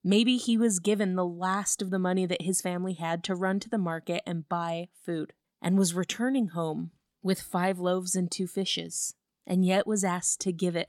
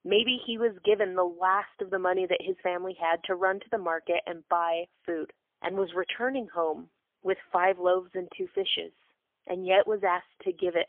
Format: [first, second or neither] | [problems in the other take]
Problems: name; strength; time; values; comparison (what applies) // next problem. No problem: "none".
first | phone-call audio; poor line; nothing above 3.5 kHz